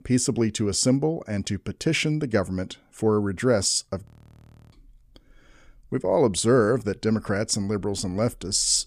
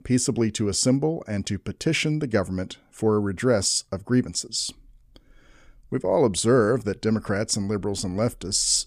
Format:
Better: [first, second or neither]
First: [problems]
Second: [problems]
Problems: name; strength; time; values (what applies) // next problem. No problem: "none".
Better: second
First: audio freezing; at 4 s for 0.5 s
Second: none